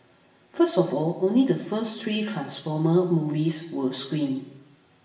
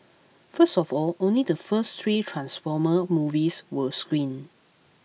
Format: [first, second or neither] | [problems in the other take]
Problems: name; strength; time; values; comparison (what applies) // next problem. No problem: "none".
second | room echo; dies away in 0.8 s